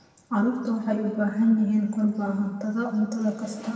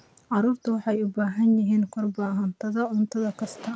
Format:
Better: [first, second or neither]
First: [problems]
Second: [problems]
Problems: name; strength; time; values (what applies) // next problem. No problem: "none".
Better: second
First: room echo; dies away in 2.1 s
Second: none